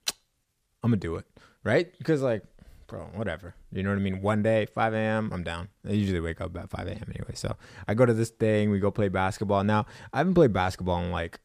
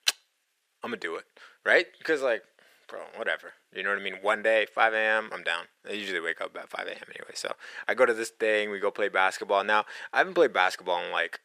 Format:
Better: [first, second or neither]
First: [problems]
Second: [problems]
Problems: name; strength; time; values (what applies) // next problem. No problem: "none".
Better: first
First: none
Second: thin; very; fading below 450 Hz